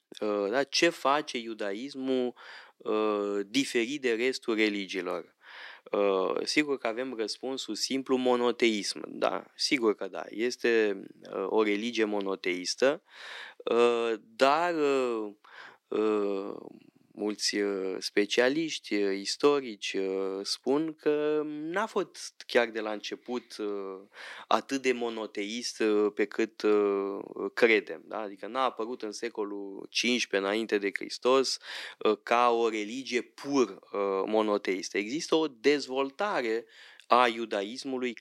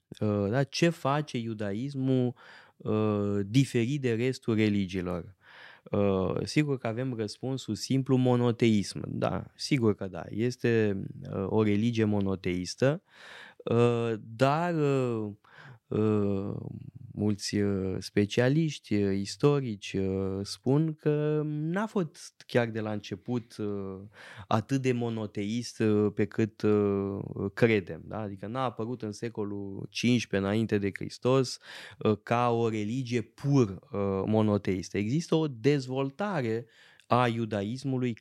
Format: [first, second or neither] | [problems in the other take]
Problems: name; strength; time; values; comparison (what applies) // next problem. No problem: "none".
second | thin; somewhat; fading below 300 Hz